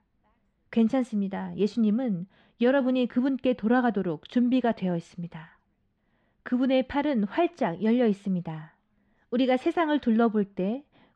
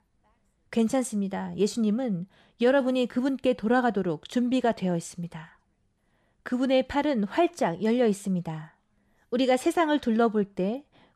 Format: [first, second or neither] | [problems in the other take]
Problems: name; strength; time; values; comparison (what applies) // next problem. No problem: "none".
second | muffled; slightly; fading above 3 kHz